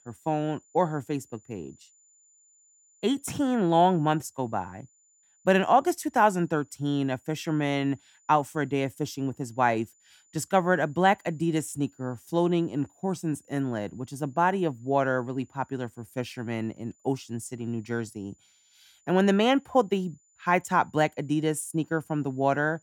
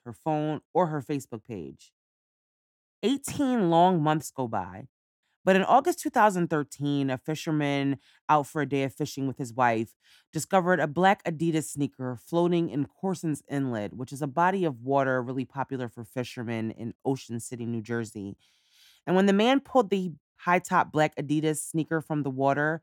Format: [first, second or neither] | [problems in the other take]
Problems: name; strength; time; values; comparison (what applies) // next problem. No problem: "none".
second | high-pitched whine; faint; throughout; 7 kHz, 35 dB below the speech